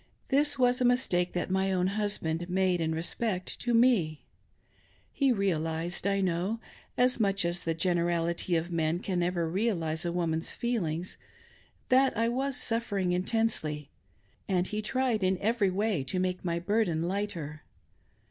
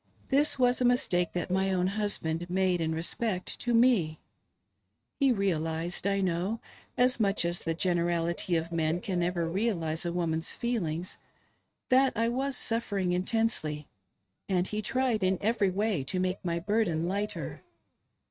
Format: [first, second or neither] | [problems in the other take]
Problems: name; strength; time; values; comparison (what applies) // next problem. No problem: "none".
first | noise reduction (neural mask model RNNoise)